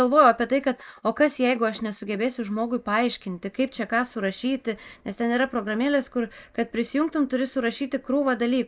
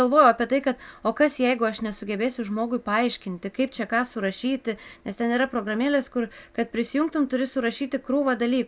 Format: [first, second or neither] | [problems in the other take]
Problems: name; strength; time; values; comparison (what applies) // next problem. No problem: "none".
second | noise reduction (neural mask model Resemble Enhance denoiser)